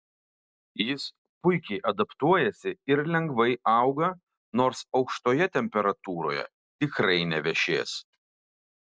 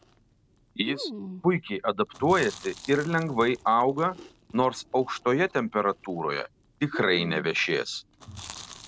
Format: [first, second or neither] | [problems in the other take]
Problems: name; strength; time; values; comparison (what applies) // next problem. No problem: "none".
first | background sound (Chewing, mastication); 16 dB below the speech